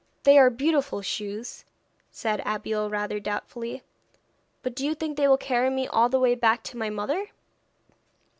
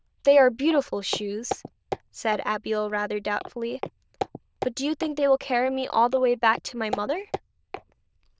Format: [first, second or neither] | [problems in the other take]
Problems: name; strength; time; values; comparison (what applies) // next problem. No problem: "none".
first | noise reduction (neural diffusion model UNIVERSE++)